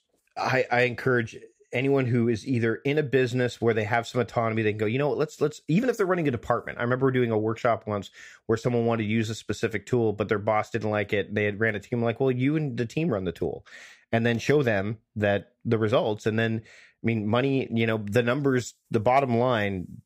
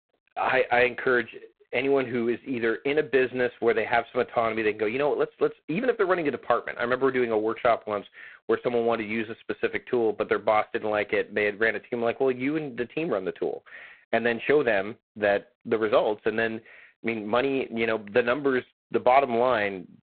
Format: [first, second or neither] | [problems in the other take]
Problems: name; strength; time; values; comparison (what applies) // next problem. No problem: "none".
first | phone-call audio; poor line; nothing above 4 kHz